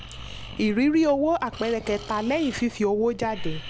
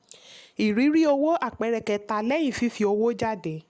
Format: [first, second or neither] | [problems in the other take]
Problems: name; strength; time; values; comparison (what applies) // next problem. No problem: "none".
second | background sound (Breathing); 13 dB below the speech